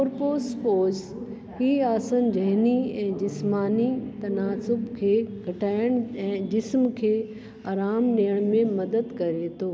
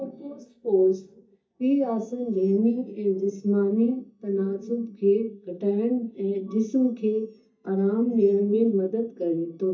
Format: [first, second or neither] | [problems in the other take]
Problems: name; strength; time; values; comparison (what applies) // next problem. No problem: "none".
first | noise reduction (neural mask model DeepFilterNet 3)